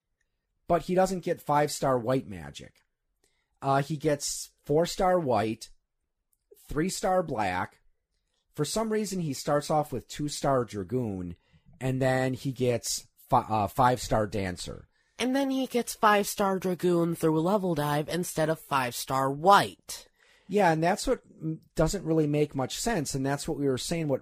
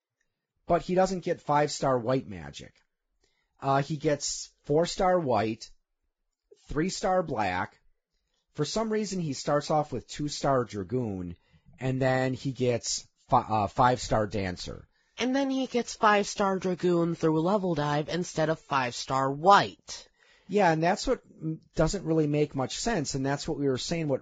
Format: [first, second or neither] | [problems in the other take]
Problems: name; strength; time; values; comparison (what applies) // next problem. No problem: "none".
first | garbled, watery; badly; nothing above 7.5 kHz; slightly in the first